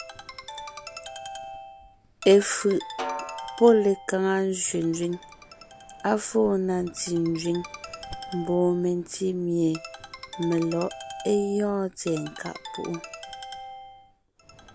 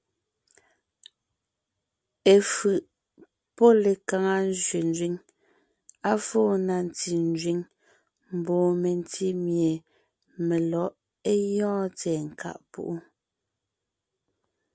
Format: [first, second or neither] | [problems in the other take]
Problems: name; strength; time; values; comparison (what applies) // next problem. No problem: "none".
second | background sound (Ringtone + Snare drum); 14 dB below the speech